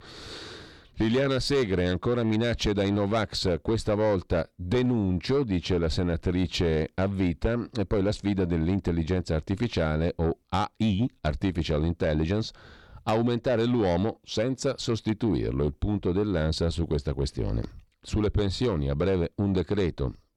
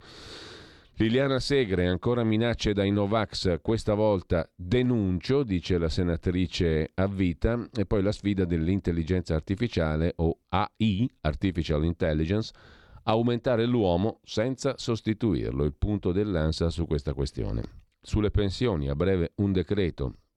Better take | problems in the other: second | distortion; slight; 10 dB below the speech

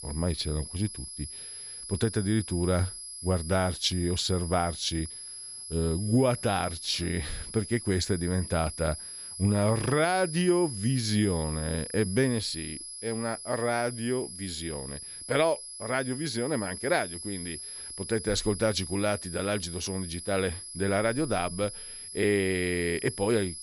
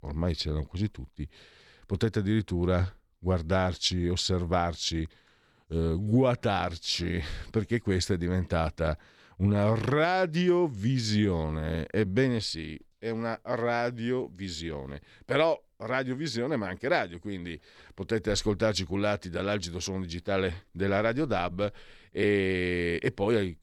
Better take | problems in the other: second | high-pitched whine; loud; throughout; 11 kHz, 9 dB below the speech

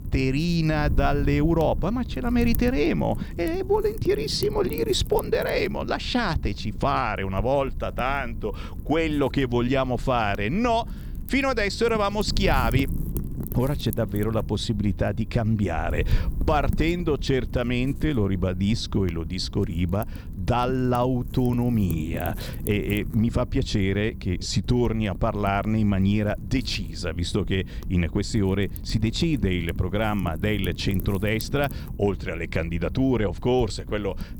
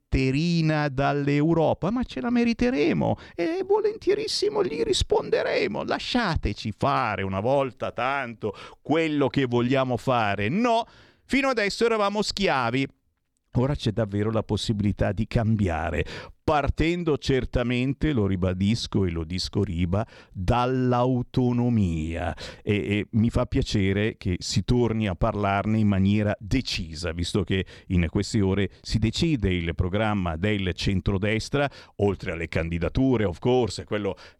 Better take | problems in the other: second | wind noise on the microphone; occasional gusts; 20 dB below the speech

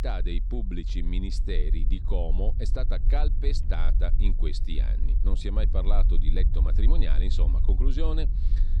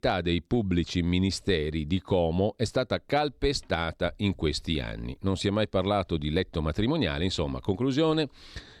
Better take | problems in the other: second | low rumble; noticeable; throughout; 10 dB below the speech

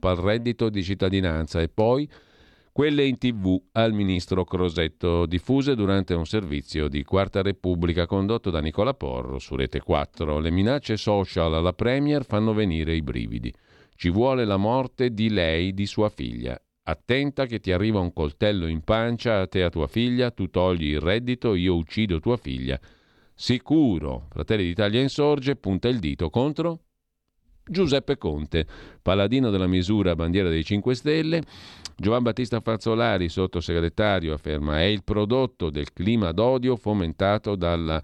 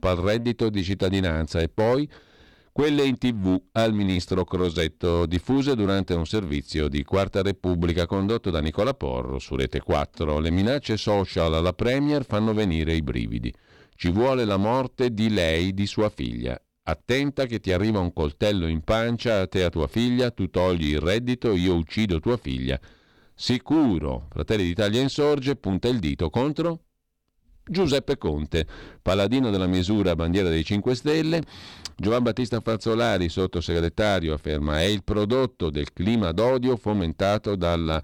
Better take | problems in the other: first | distortion; slight; 7% of the sound clipped

